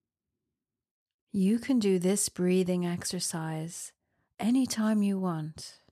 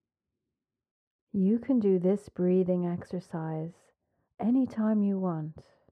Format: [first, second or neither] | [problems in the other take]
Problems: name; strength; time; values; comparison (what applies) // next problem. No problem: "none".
first | muffled; very; fading above 2.5 kHz